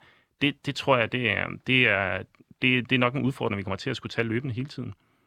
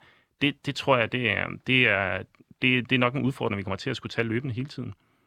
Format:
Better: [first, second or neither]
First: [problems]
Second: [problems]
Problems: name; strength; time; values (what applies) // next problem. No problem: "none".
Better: neither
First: none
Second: none